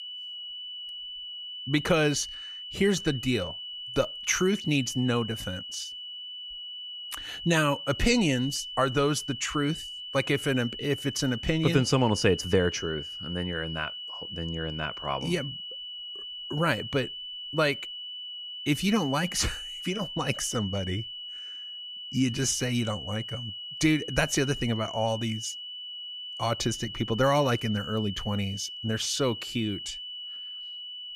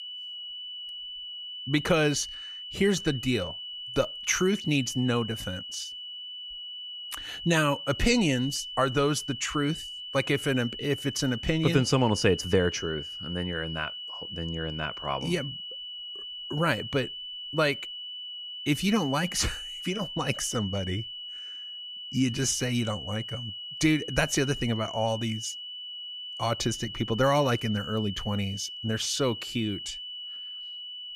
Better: neither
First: high-pitched whine; loud; throughout; 3 kHz, 8 dB below the speech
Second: high-pitched whine; loud; throughout; 3 kHz, 8 dB below the speech

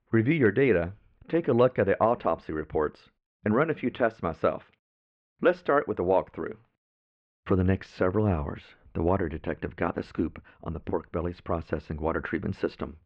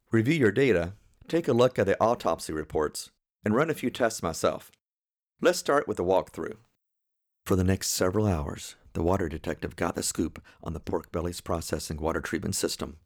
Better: second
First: muffled; very; fading above 2.5 kHz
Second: none

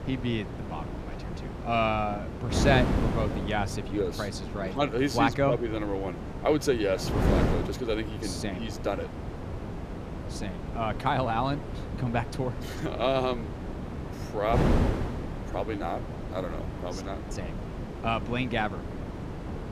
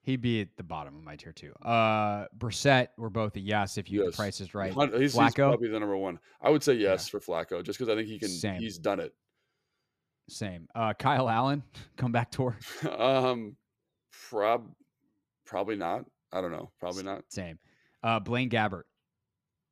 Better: second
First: wind noise on the microphone; heavy; 8 dB below the speech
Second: none

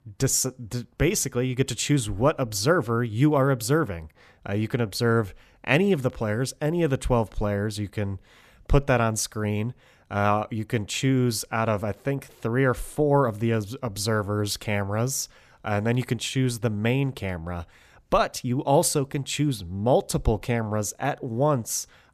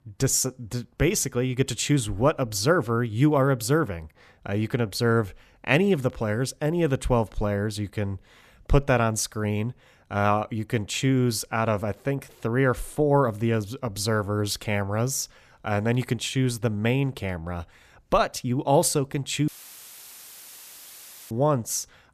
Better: first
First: none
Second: audio cutting out; filled with static; at 19 s for 2 s

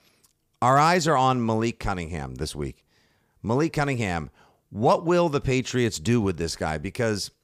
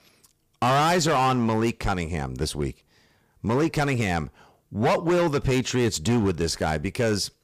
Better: first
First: none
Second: distortion; heavy; 11% of the sound clipped

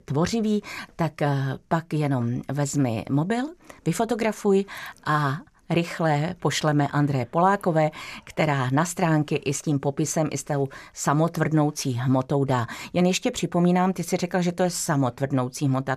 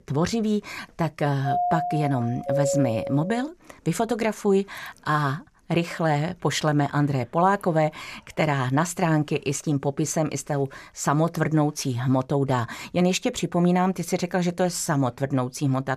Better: first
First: none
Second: doorbell; noticeable; from 1.5 to 3.5 s; peak level with the speech

